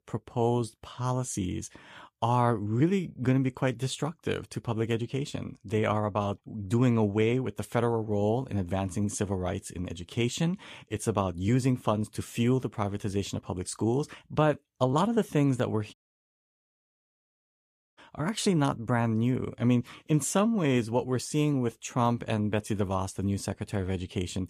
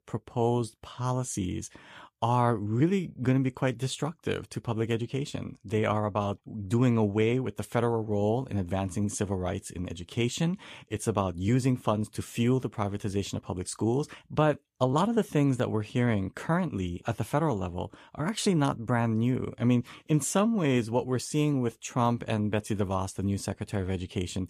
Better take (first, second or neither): second